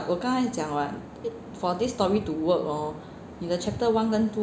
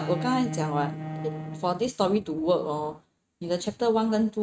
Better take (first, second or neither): first